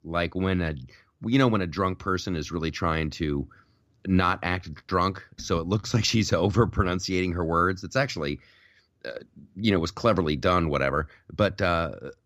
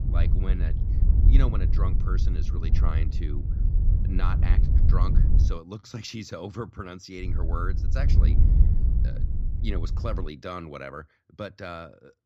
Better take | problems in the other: first | wind noise on the microphone; heavy; until 5.5 s and from 7.5 to 10 s; 4 dB below the speech

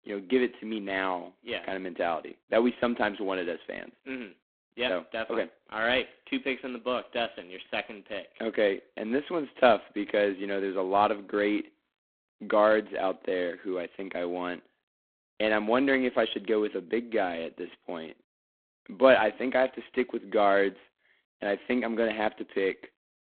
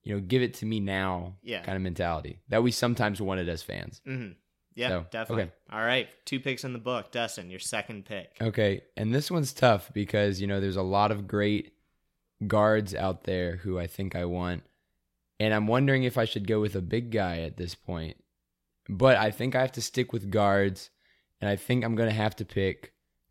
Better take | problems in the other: second | phone-call audio; poor line

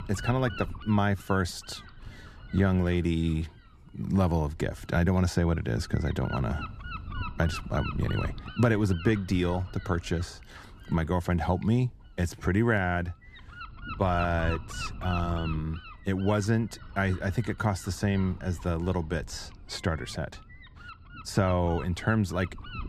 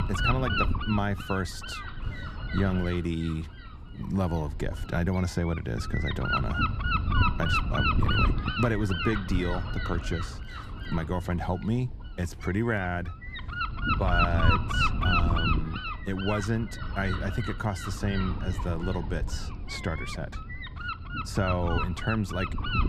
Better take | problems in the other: first | wind noise on the microphone; heavy; 3 dB above the speech; occasional gusts in the first

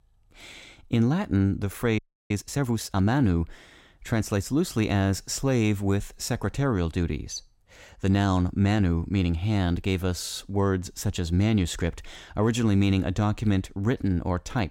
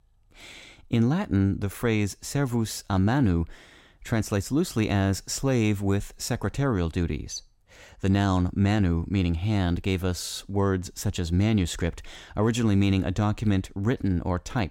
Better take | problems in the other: second | audio freezing; at 2 s

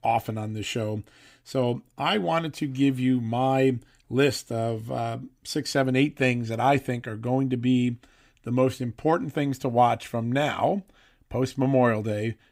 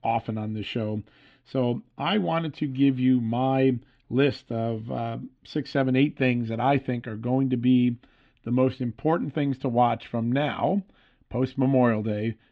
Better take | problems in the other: first | muffled; slightly; fading above 3.5 kHz

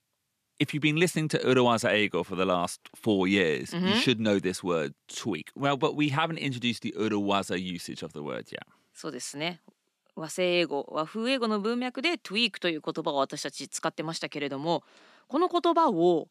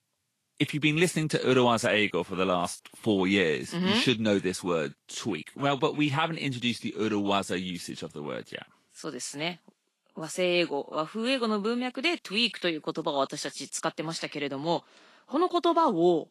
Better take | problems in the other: first | garbled, watery; slightly

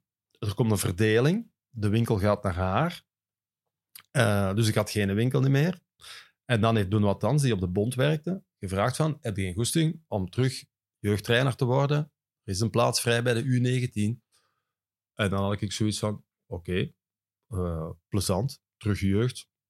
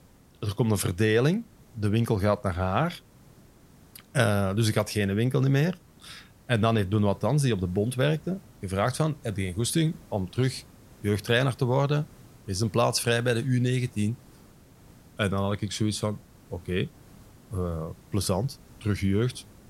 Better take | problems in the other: first | hiss; faint; throughout; 25 dB below the speech

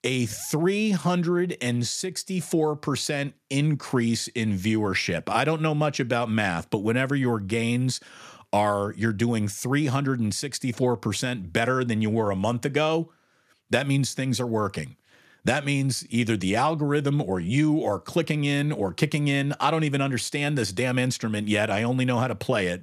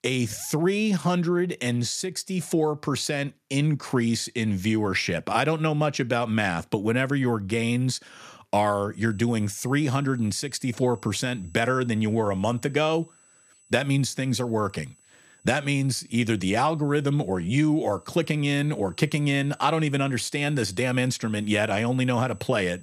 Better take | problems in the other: first | high-pitched whine; faint; from 9 s on; 8 kHz, 30 dB below the speech

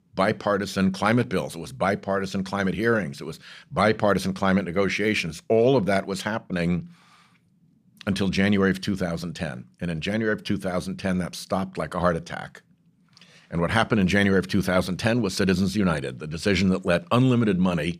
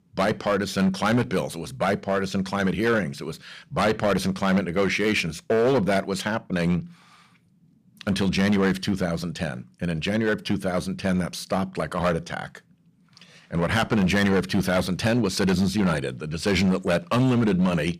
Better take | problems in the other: first | distortion; slight; 6% of the sound clipped

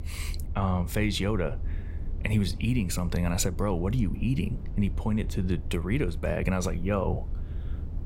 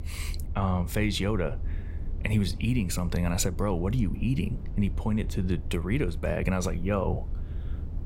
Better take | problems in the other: neither | low rumble; noticeable; throughout; 20 dB below the speech; the same in both

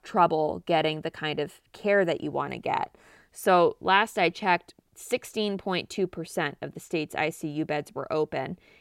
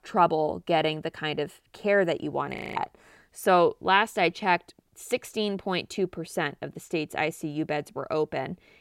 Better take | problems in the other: first | audio freezing; at 2.5 s

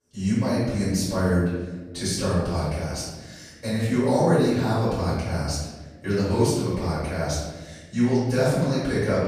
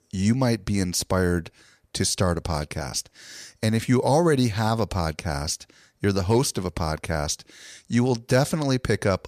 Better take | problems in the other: second | off-mic speech; far // room echo; strong; dies away in 1.2 s

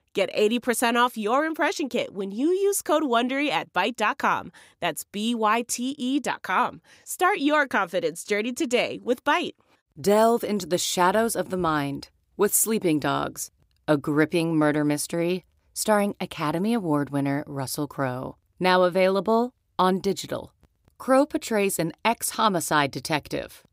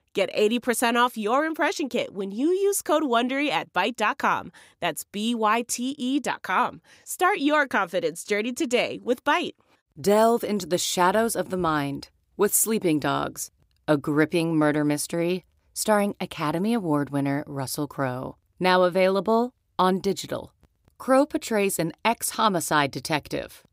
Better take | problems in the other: neither | none

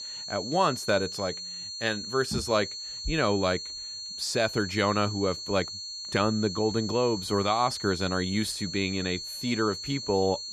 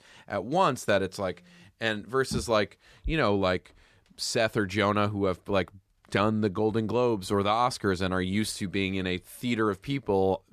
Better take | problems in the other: second | high-pitched whine; loud; throughout; 4.5 kHz, 7 dB below the speech

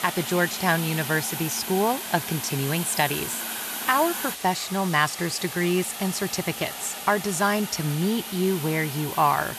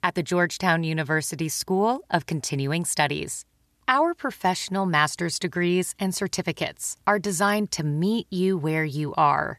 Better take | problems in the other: second | hiss; loud; throughout; 6 dB below the speech

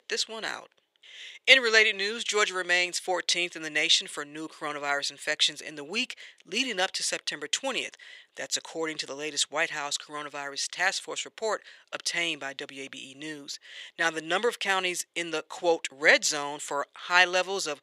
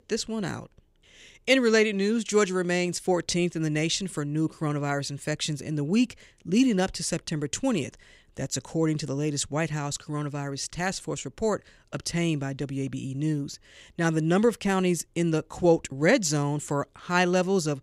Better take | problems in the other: second | thin; very; fading below 650 Hz

